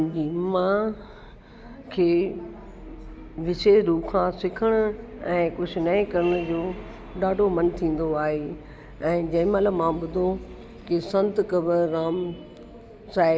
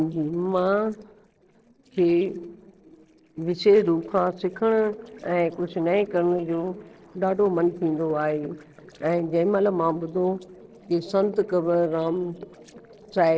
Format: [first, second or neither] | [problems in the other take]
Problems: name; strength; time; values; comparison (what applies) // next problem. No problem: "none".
first | noise reduction (neural separator model SepFormer DNS4)